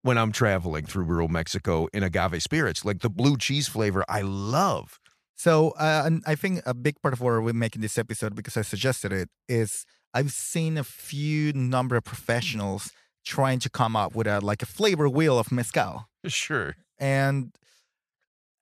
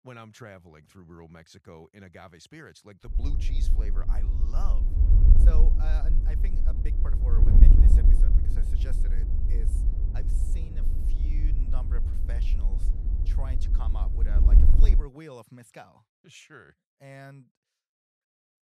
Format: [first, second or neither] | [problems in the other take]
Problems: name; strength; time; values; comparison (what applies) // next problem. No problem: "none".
first | wind noise on the microphone; heavy; from 3 to 15 s; 1 dB above the speech